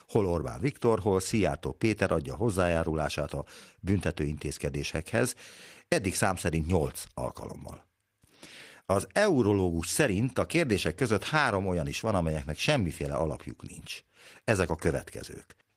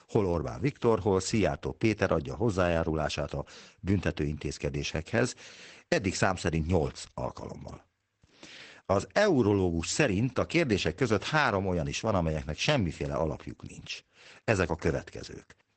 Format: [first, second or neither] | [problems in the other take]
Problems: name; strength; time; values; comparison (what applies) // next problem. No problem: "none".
first | garbled, watery; badly; nothing above 8 kHz; slightly in the first